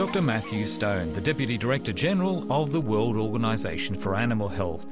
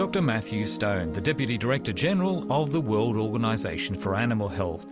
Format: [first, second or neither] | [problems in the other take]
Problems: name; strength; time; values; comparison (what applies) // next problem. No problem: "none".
second | background sound (Bicycle); 13 dB below the speech